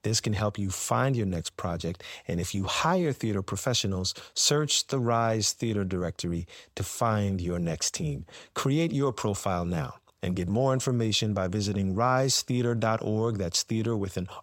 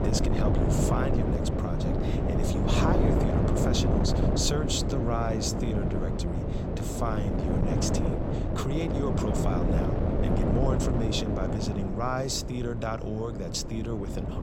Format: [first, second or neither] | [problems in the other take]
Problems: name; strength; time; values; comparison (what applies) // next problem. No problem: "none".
first | wind noise on the microphone; heavy; 1 dB above the speech